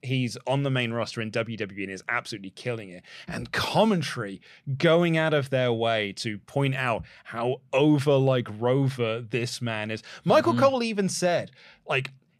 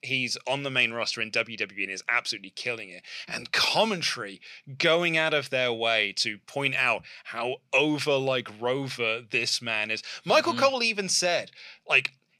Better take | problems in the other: first | thin; very slightly; fading below 1 kHz

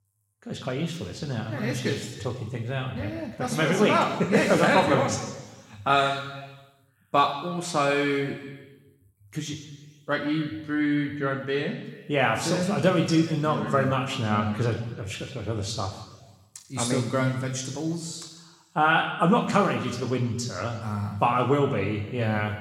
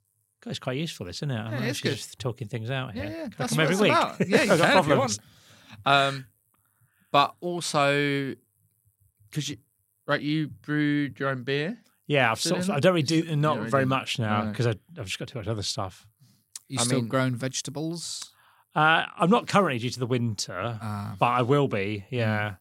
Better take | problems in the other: second | room echo; noticeable; dies away in 1.2 s // off-mic speech; somewhat distant

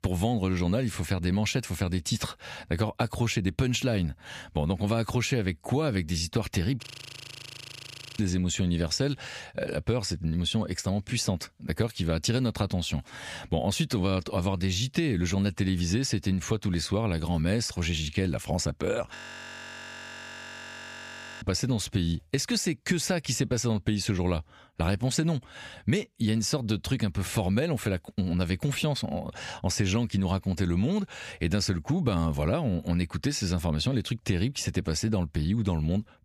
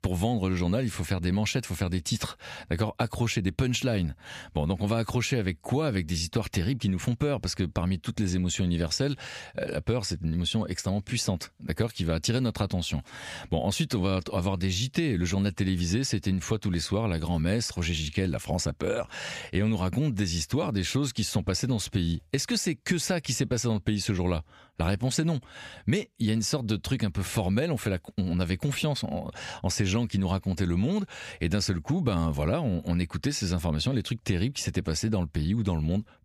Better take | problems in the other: second | audio freezing; at 7 s for 1.5 s and at 19 s for 2.5 s

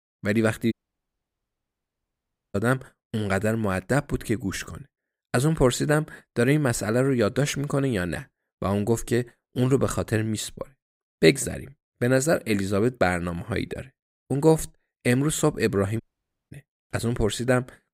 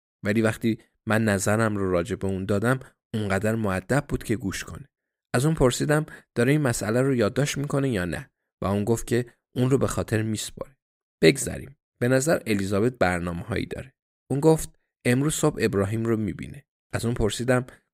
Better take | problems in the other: second | audio cutting out; at 0.5 s for 2 s and at 16 s for 0.5 s

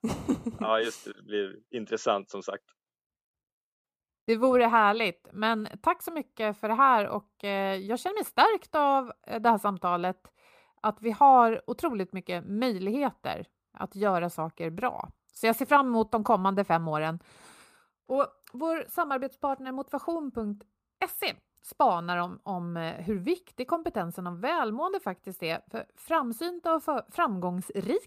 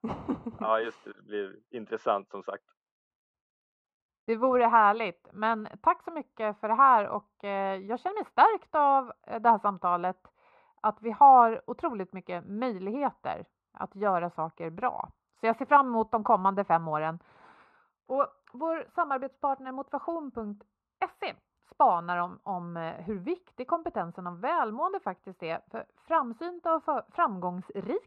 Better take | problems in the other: first | muffled; very; fading above 2.5 kHz

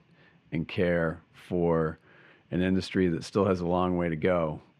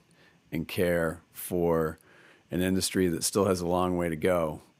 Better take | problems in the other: second | muffled; slightly; fading above 3 kHz

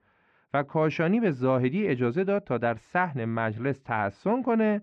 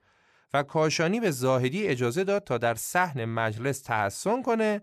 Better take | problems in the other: second | muffled; very; fading above 2.5 kHz

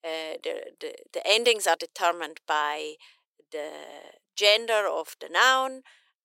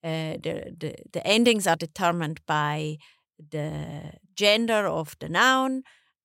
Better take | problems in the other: second | thin; very; fading below 400 Hz

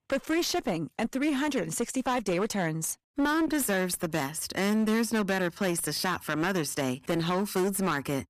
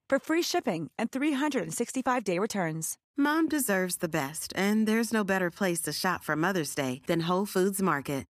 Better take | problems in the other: second | distortion; slight; 15% of the sound clipped

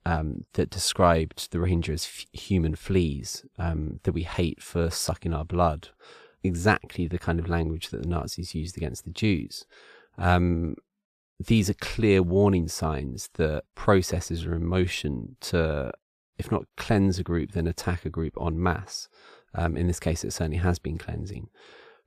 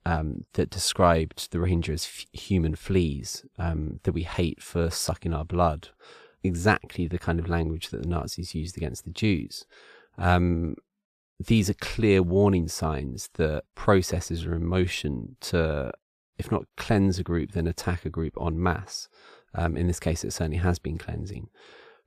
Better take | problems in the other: neither | none

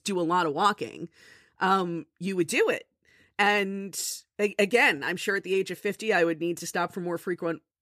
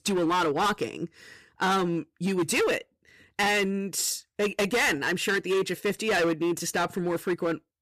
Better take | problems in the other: first | distortion; heavy; 16% of the sound clipped

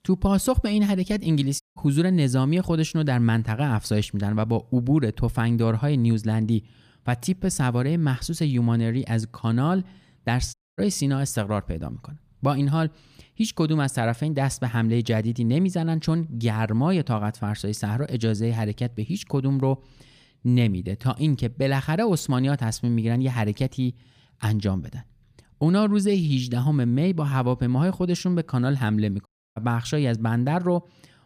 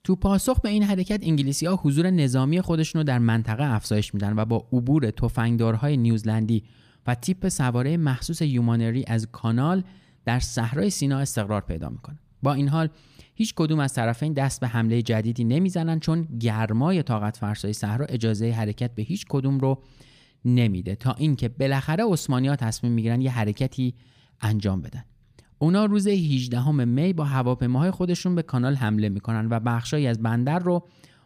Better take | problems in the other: second | audio cutting out; at 1.5 s, at 11 s and at 29 s

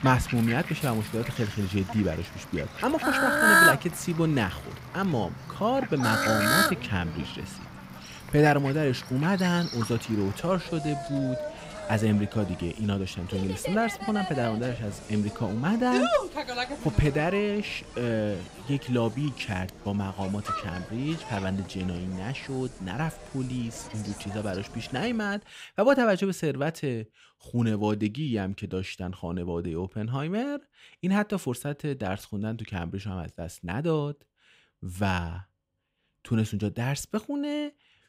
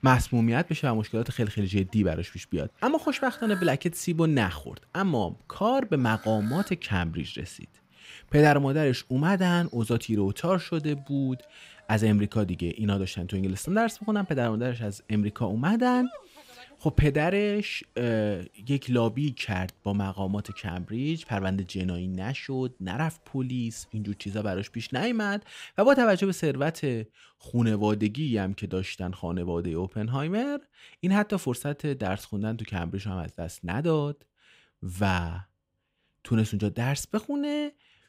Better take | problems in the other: second | animal sounds; loud; until 25 s; as loud as the speech; faint in the second

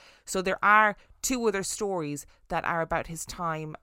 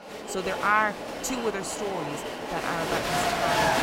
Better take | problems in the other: first | crowd noise; very loud; throughout; as loud as the speech

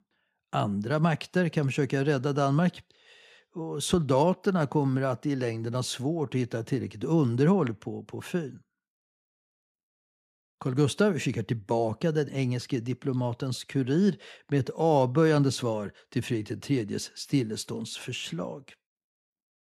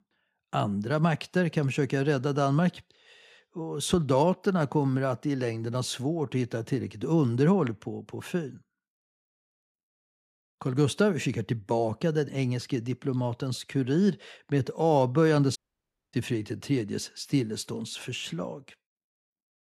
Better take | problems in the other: first | audio cutting out; at 16 s for 0.5 s

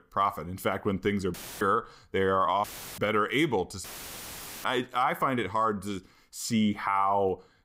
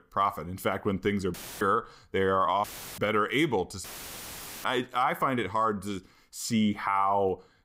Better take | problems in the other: neither | audio cutting out; filled with static; at 1.5 s, at 2.5 s and at 4 s for 1 s; the same in both

